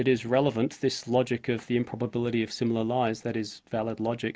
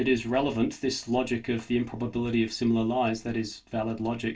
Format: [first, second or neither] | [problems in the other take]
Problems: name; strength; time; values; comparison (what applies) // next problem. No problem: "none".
first | room echo; dies away in 0.2 s